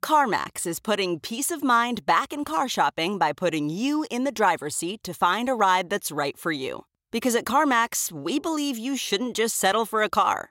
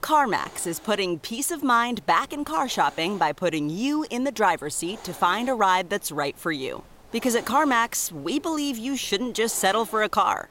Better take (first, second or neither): first